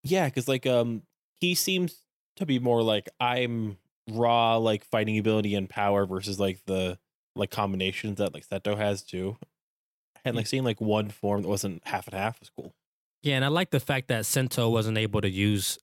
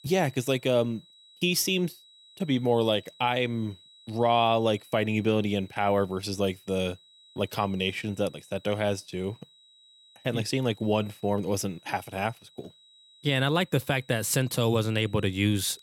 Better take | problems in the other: first | high-pitched whine; faint; throughout; 4 kHz, 25 dB below the speech

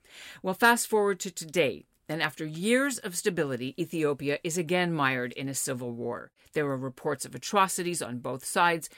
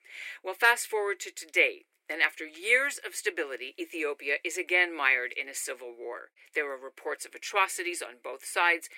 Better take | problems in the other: first | thin; very; fading below 350 Hz

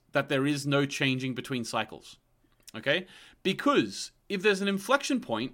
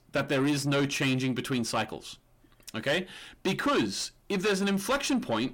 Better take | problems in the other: first | distortion; heavy; 7 dB below the speech

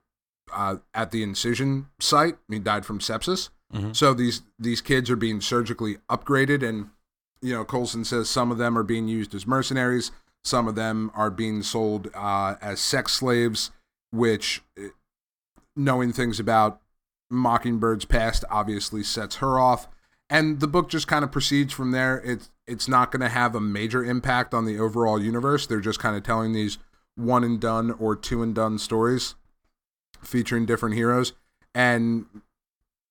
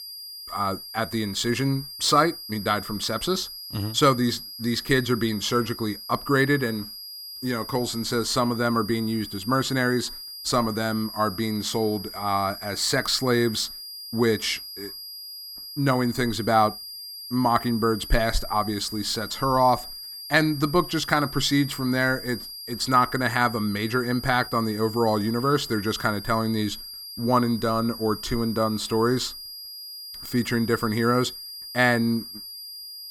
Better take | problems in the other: first | high-pitched whine; noticeable; throughout; 5 kHz, 10 dB below the speech

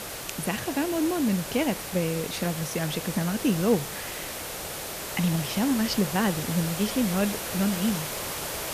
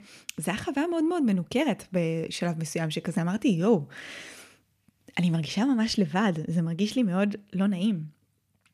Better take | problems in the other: second | hiss; loud; throughout; 5 dB below the speech

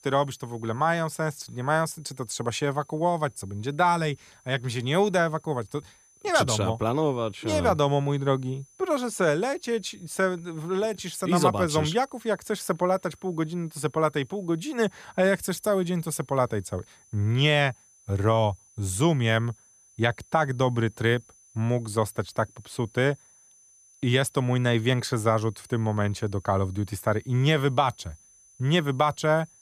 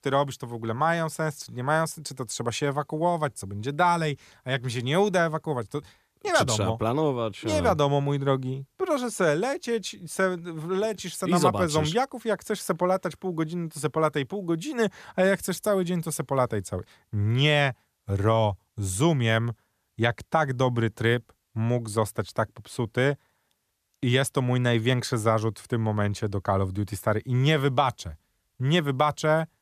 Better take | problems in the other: second | high-pitched whine; faint; throughout; 6 kHz, 30 dB below the speech

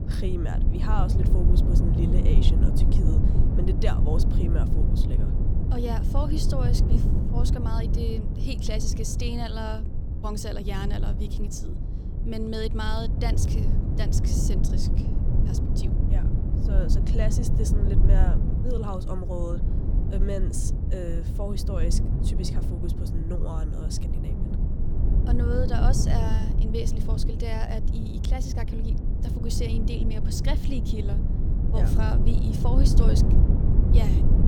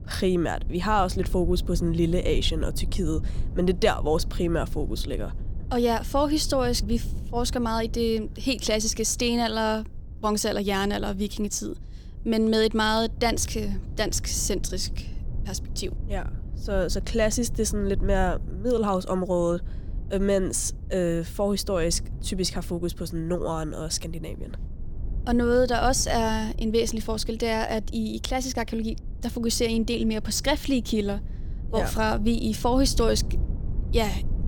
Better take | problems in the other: second | low rumble; loud; throughout; 2 dB below the speech; faint in the second

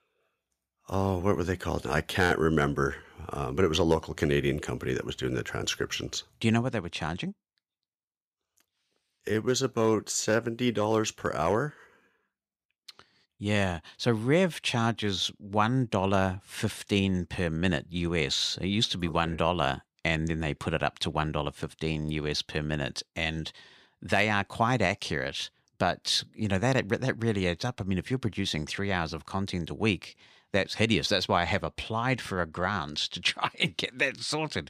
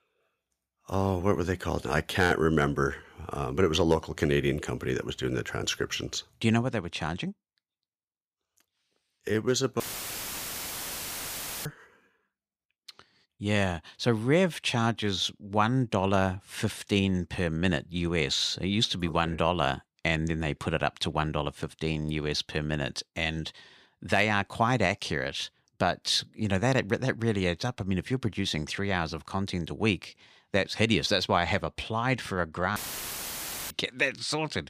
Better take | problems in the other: first | audio cutting out; filled with static; at 10 s for 2 s and at 33 s for 1 s

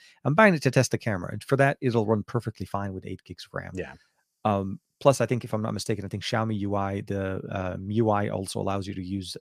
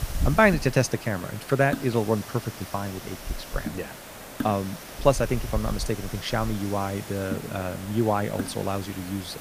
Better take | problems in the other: first | hiss; loud; throughout; 10 dB below the speech

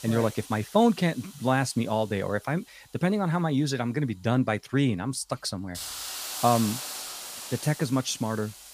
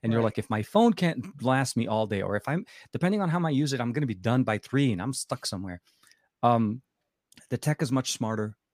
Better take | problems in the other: second | hiss; loud; throughout; 10 dB below the speech

